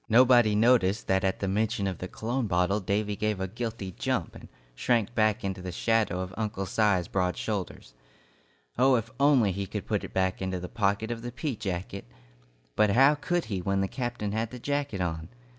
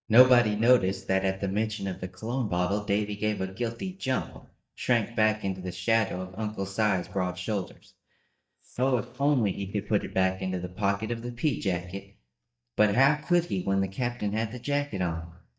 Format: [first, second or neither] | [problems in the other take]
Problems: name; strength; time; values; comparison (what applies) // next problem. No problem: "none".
first | noise reduction (neural mask model DeepFilterNet 3)